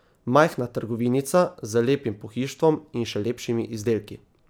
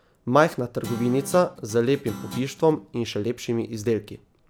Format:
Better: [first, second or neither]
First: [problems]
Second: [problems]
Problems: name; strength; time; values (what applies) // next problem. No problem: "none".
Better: first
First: none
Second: background sound (Guitar); 15 dB below the speech